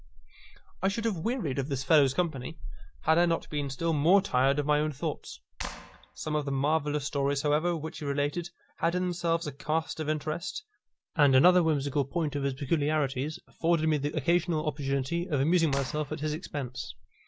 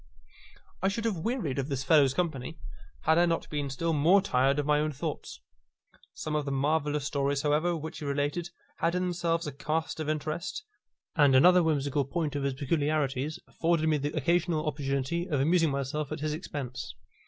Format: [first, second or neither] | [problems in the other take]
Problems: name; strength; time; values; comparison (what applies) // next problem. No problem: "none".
second | background sound (Clapping); 13 dB below the speech